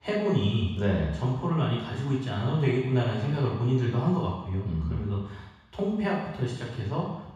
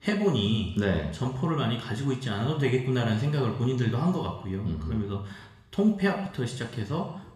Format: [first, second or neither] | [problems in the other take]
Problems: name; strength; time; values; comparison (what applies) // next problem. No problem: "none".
second | room echo; strong; dies away in 1.1 s; slight in the second // off-mic speech; far; somewhat distant in the second